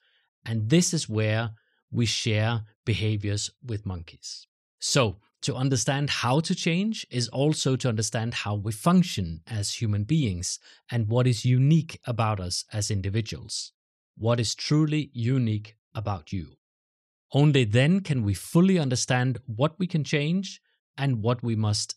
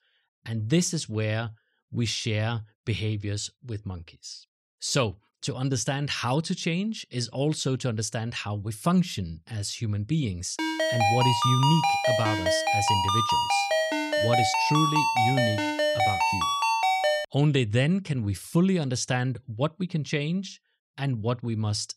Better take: first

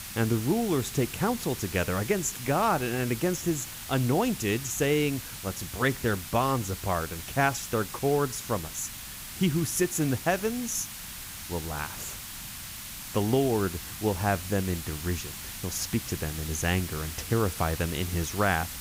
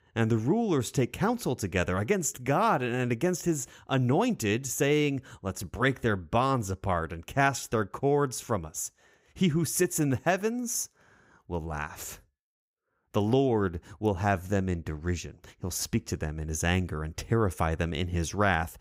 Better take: second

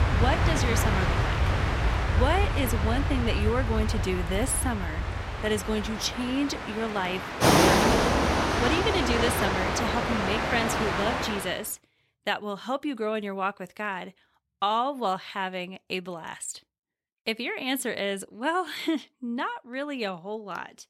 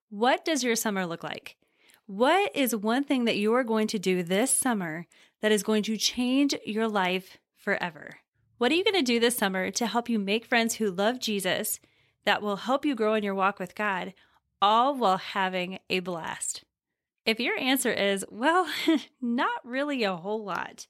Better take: second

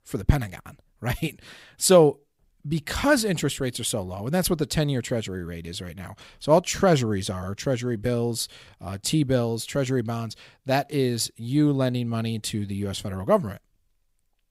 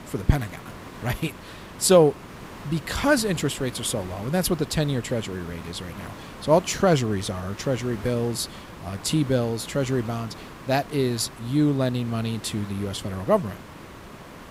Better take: first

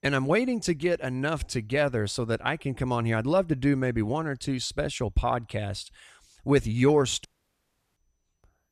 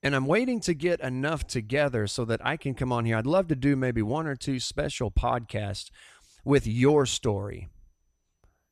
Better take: second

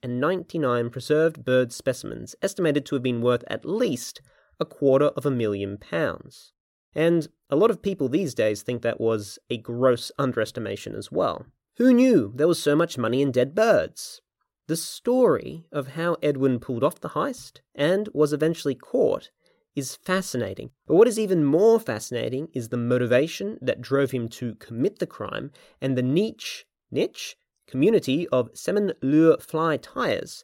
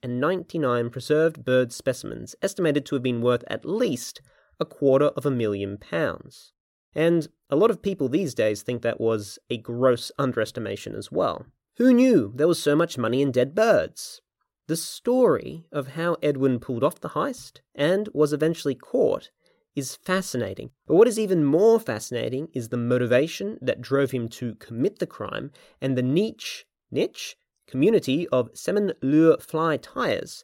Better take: neither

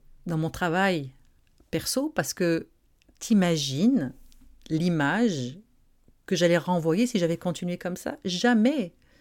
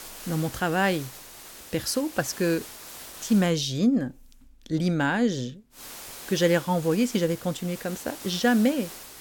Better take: first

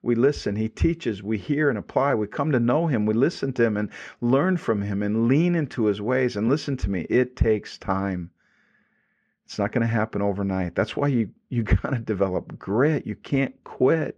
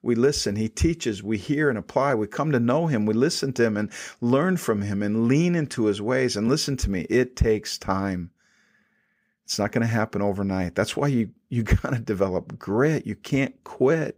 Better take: second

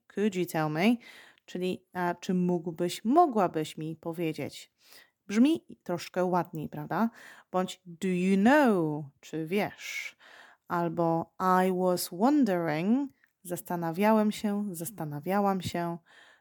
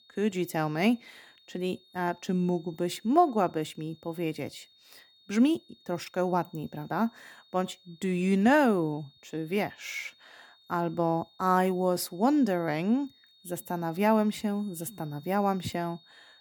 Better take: first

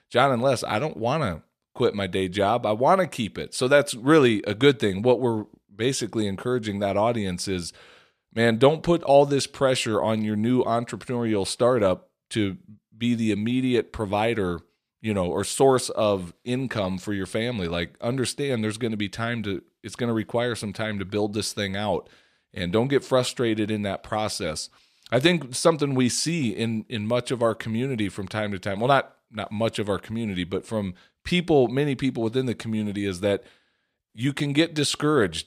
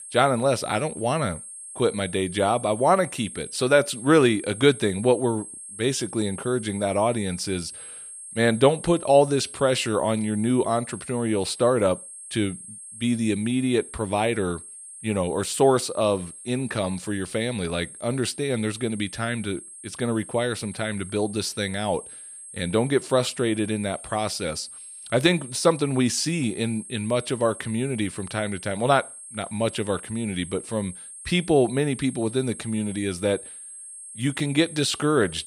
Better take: first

